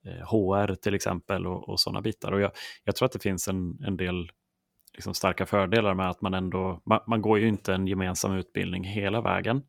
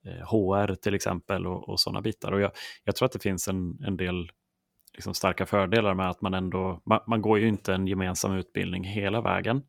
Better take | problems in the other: neither | none

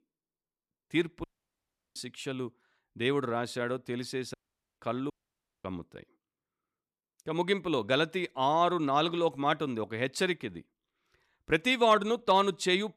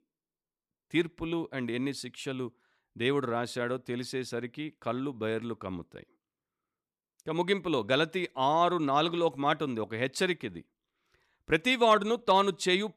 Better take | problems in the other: second | audio cutting out; at 1 s for 0.5 s, at 4.5 s and at 5 s for 0.5 s

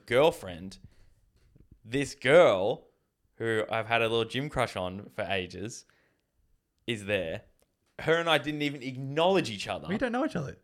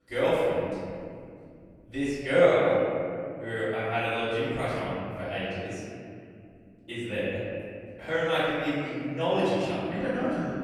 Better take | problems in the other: first | off-mic speech; far // room echo; strong; dies away in 2.6 s

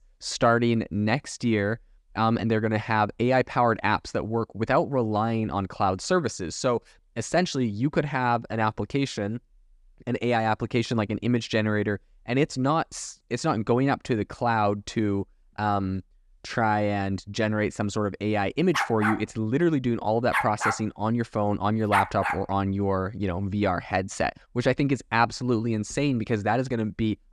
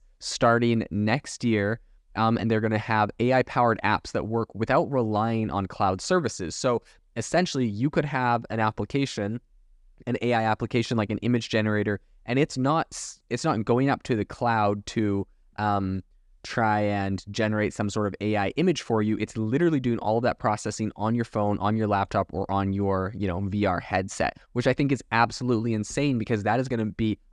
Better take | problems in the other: second | dog barking; loud; from 19 to 22 s; peak level with the speech

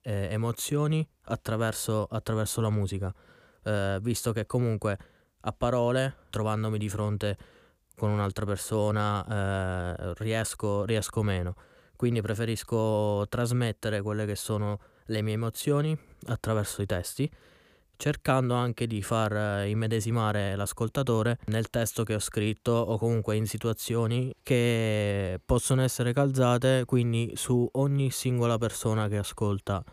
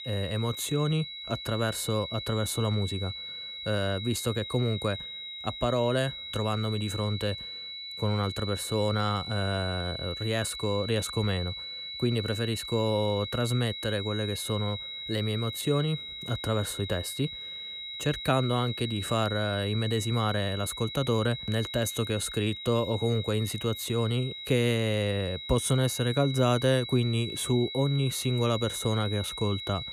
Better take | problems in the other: first | high-pitched whine; loud; throughout; 4 kHz, 7 dB below the speech

